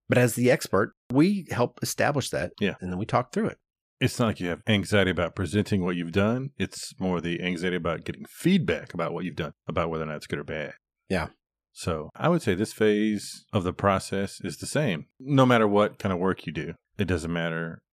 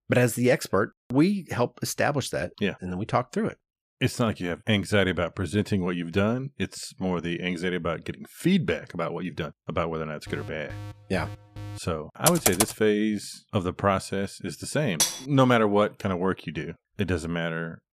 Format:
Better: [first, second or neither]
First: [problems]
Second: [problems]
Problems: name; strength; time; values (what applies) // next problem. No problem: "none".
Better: first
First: none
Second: alarm; faint; from 10 to 12 s; peak 15 dB below the speech // keyboard typing; loud; at 12 s; peak 5 dB above the speech // clattering dishes; loud; at 15 s; peak 2 dB above the speech